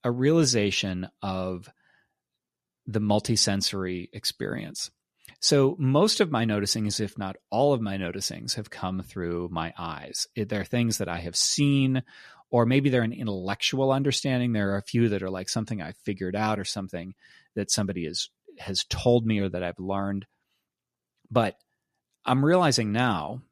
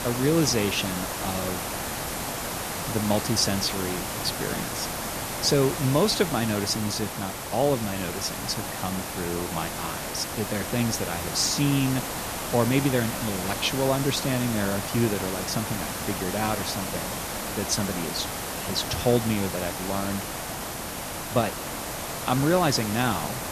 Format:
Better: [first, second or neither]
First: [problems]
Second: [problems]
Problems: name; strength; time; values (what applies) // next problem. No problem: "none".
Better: first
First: none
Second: hiss; loud; throughout; 4 dB below the speech